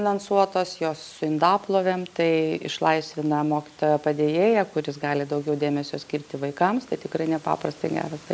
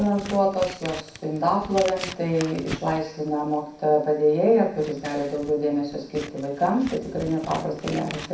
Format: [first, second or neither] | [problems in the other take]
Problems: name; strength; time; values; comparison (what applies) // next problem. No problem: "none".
first | background sound (Scissors); 15 dB below the speech // room echo; dies away in 0.6 s